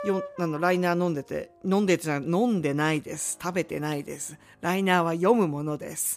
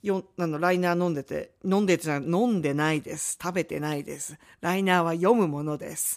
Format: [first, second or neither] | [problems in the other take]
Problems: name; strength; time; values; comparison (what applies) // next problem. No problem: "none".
second | background music; noticeable; throughout; 20 dB below the speech